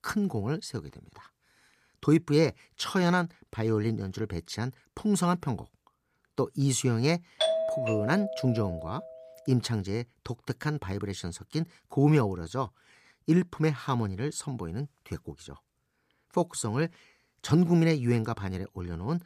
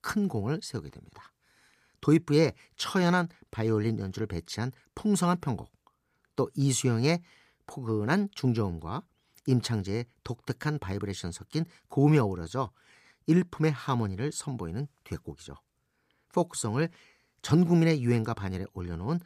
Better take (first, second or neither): second